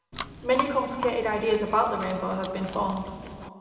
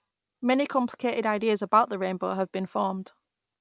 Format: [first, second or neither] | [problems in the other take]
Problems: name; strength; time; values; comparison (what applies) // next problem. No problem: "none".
second | background sound (Chewing, mastication); 10 dB below the speech // room echo; dies away in 1.9 s